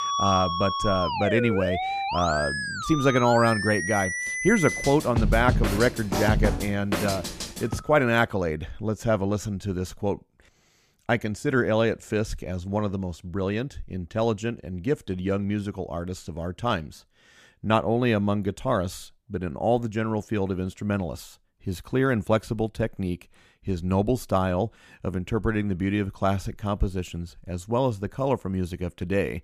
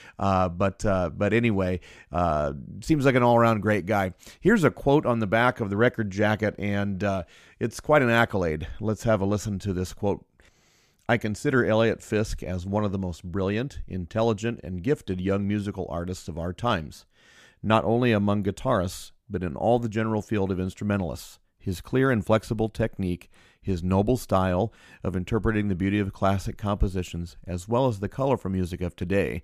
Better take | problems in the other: second | background music; loud; until 8 s; 2 dB below the speech

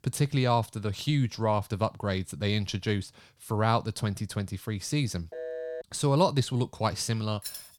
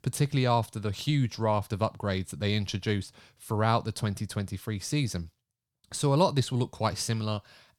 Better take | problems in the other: second | phone ringing; noticeable; at 5.5 s; peak 7 dB below the speech // jangling keys; noticeable; at 7.5 s; peak 10 dB below the speech

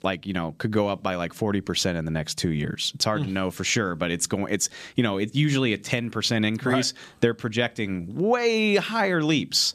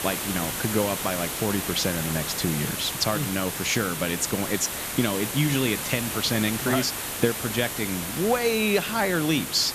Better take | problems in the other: first | hiss; loud; throughout; 3 dB below the speech

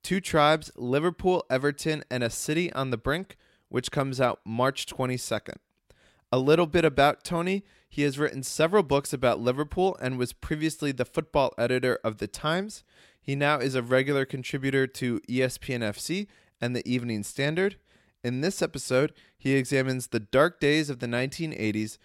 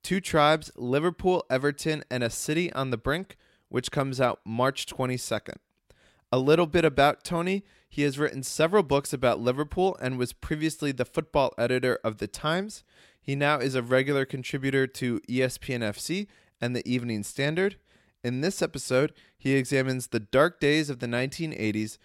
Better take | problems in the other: neither | none

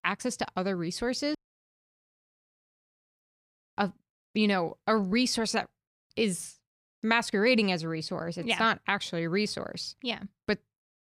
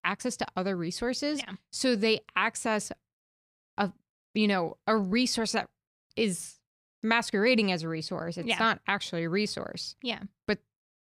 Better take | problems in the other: second | audio cutting out; at 1.5 s for 2 s

